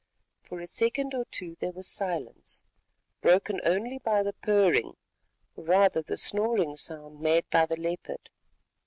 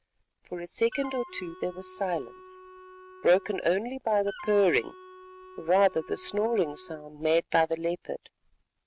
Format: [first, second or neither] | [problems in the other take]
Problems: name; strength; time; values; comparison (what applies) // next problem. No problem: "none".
first | background sound (Wind instrument, woodwind instrument); 18 dB below the speech